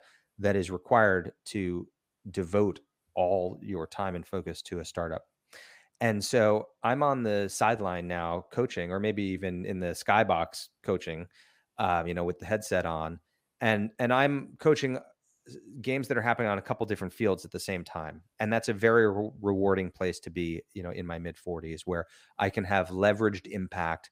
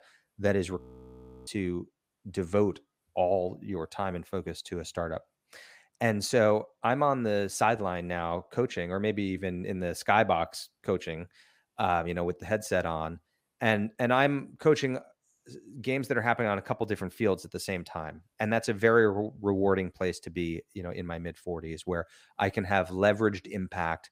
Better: first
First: none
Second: audio freezing; at 1 s for 0.5 s

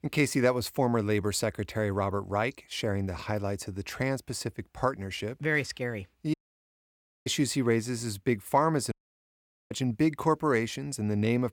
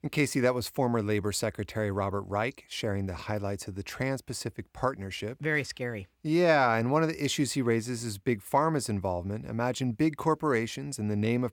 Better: second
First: audio cutting out; at 6.5 s for 1 s and at 9 s for 1 s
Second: none

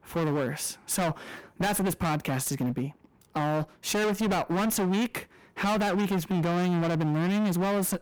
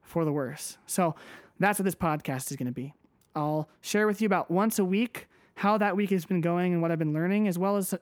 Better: second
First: distortion; heavy; 33% of the sound clipped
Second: none

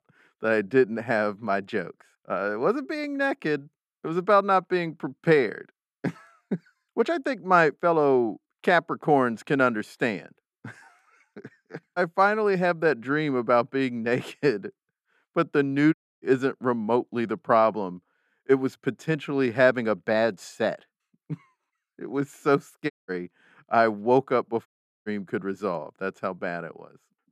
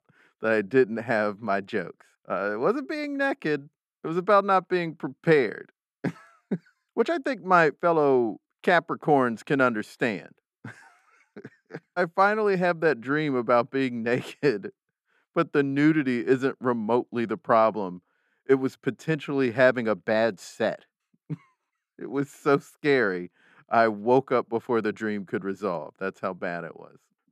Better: second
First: audio cutting out; at 16 s, at 23 s and at 25 s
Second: none

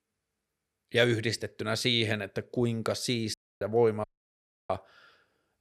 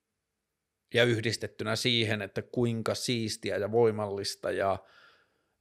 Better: second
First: audio cutting out; at 3.5 s and at 4 s for 0.5 s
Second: none

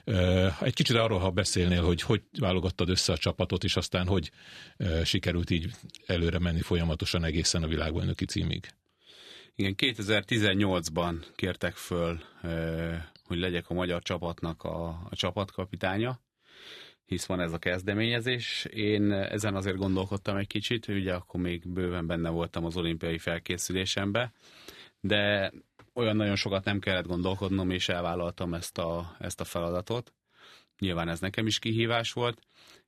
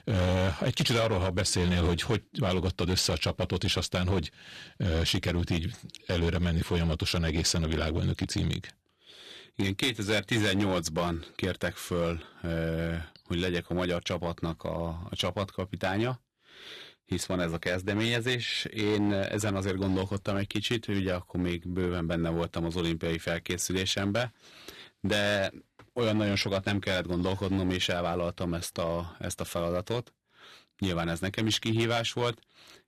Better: first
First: none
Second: distortion; slight; 5% of the sound clipped

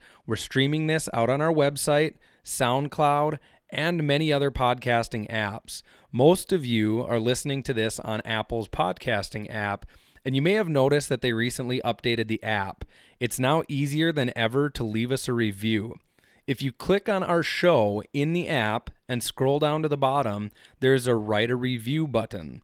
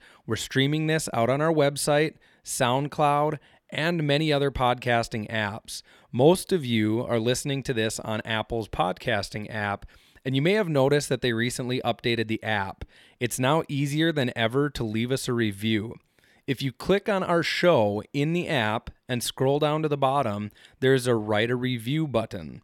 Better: second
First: garbled, watery; slightly; nothing above 17.5 kHz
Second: none

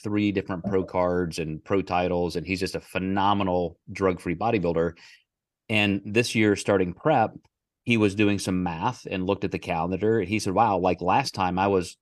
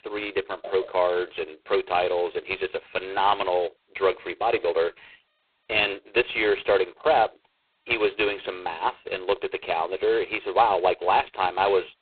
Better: first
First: none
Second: phone-call audio; poor line; nothing above 4 kHz

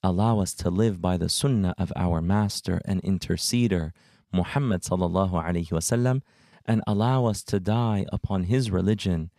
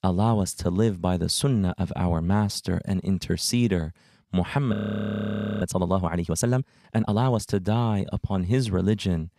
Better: first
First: none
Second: audio freezing; at 4.5 s for 1 s

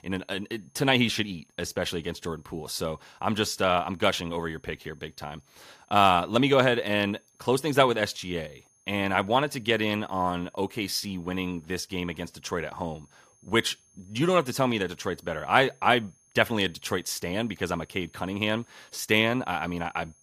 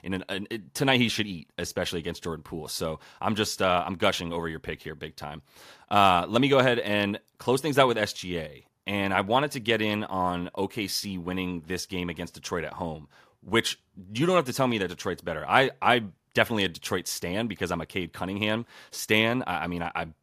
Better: second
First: high-pitched whine; faint; throughout; 6.5 kHz, 35 dB below the speech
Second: none

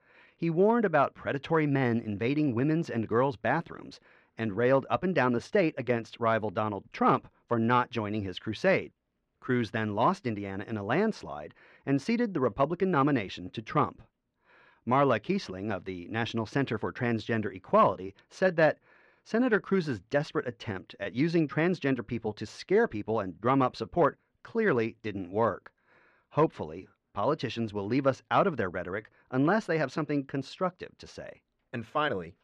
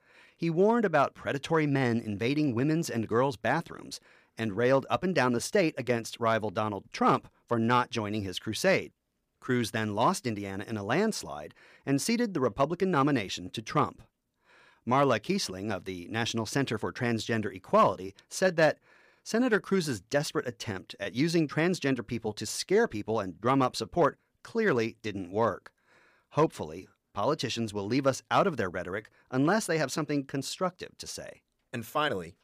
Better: second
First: muffled; slightly; fading above 3 kHz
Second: none

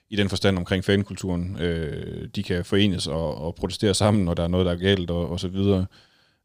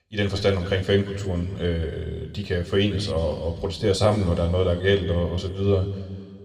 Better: first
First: none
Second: room echo; slight; dies away in 1.9 s

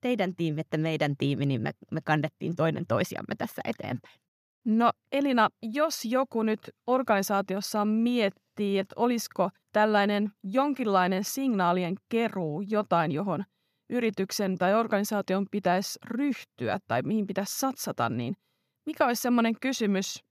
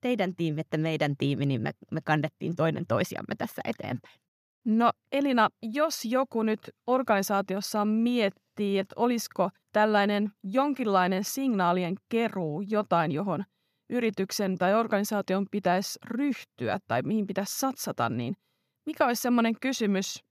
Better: neither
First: none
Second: none

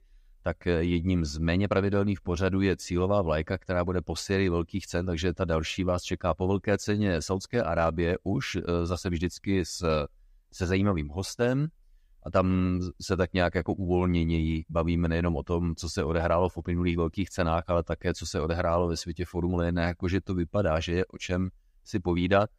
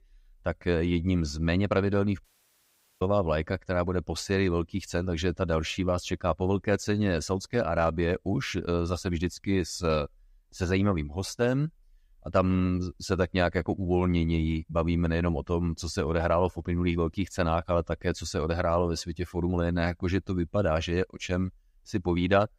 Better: first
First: none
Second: audio cutting out; at 2 s for 1 s

